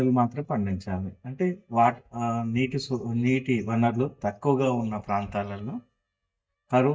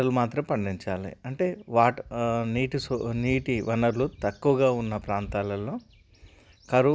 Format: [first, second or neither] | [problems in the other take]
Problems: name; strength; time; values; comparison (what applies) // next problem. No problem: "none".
second | noise reduction (neural mask model DeepFilterNet 3)